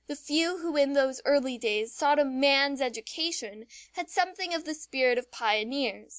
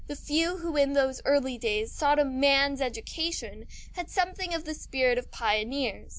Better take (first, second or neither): first